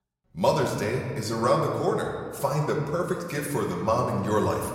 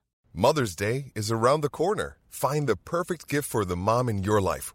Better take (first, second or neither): second